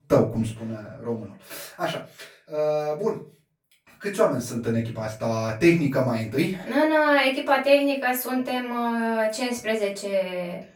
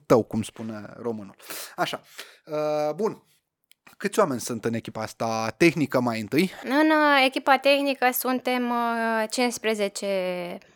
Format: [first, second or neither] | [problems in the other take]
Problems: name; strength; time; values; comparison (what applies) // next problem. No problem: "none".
second | off-mic speech; far // room echo; slight; dies away in 0.3 s